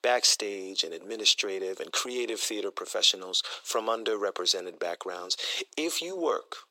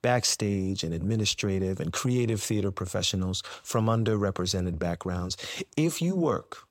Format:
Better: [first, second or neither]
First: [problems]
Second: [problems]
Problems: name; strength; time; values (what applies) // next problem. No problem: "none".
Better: second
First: thin; very; fading below 350 Hz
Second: none